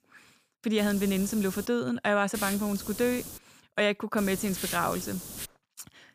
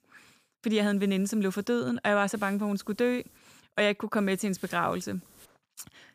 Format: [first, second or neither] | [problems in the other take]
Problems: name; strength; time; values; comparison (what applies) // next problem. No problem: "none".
second | hiss; loud; at 1 s, from 2.5 to 3.5 s and from 4 to 5.5 s; 9 dB below the speech; faint in the second